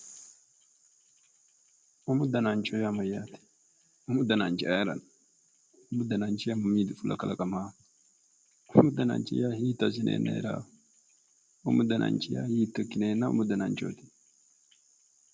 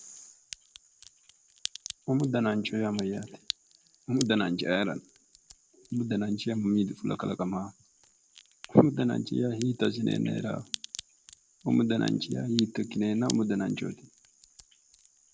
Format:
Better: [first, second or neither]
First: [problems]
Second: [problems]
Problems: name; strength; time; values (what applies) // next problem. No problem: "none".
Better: first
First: none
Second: background sound (Crack); 17 dB below the speech